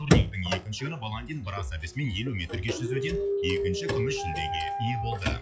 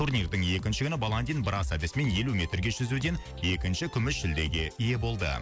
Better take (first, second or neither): second